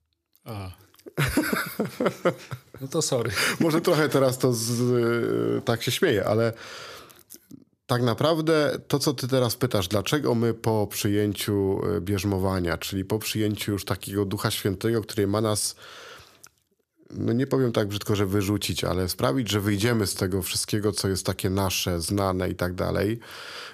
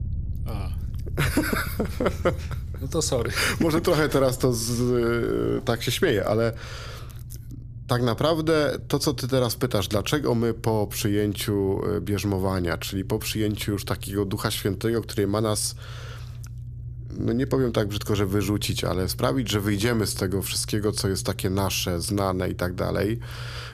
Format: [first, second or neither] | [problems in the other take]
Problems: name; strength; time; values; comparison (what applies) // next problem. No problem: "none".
first | low rumble; faint; throughout; 25 dB below the speech